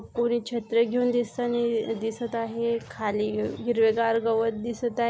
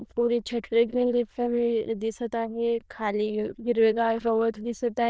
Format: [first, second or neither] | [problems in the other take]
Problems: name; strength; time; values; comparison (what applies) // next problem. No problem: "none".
first | noise reduction (neural diffusion model UNIVERSE++)